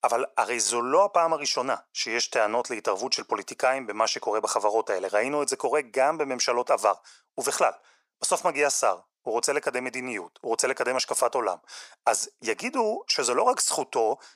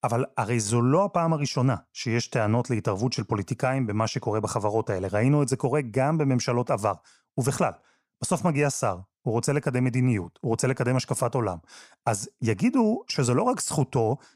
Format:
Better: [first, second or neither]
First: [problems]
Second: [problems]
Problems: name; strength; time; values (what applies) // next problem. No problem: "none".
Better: second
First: thin; very; fading below 450 Hz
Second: none